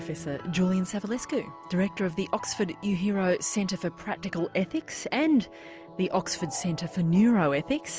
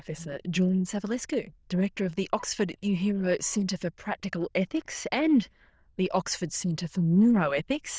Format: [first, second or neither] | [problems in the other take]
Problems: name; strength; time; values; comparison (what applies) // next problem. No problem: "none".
first | noise reduction (neural diffusion model UNIVERSE++)